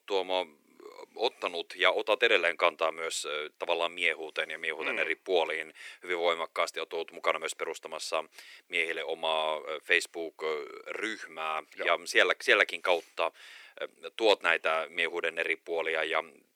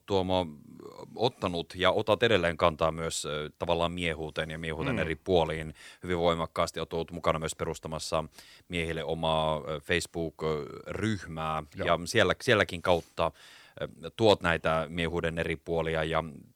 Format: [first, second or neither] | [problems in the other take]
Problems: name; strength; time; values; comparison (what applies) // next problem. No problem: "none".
second | thin; very; fading below 350 Hz